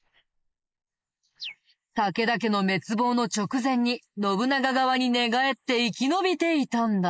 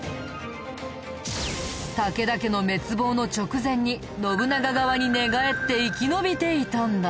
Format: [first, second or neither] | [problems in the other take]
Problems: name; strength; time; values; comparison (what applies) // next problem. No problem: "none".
second | noise reduction (neural mask model Resemble Enhance denoiser)